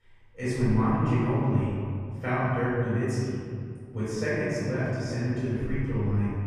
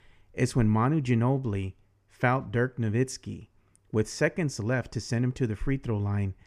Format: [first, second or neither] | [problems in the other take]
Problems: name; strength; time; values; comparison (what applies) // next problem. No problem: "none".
second | off-mic speech; far // room echo; strong; dies away in 2.1 s